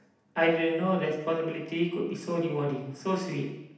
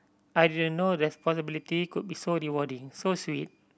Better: second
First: room echo; dies away in 0.8 s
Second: none

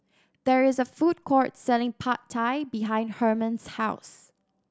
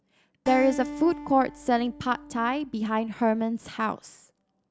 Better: first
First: none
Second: background sound (Acoustic guitar); 14 dB below the speech

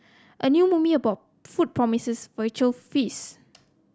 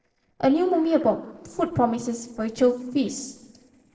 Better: first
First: none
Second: noise reduction (neural separator model SepFormer DNS4)

